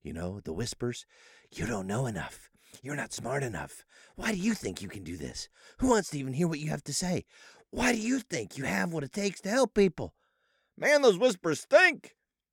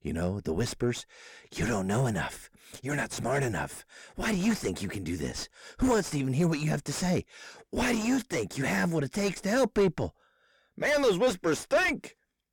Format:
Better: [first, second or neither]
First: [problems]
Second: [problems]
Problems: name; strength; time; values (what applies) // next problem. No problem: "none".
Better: first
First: none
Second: distortion; heavy; 5 dB below the speech